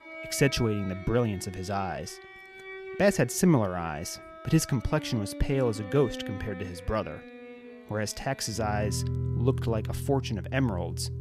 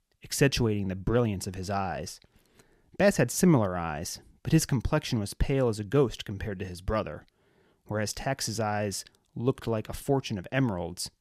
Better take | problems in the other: second | background music; loud; throughout; 9 dB below the speech

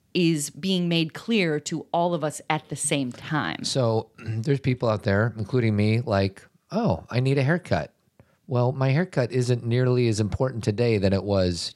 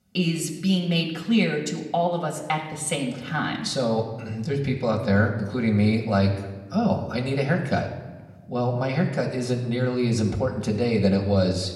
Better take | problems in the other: first | room echo; slight; dies away in 0.9 s // off-mic speech; somewhat distant

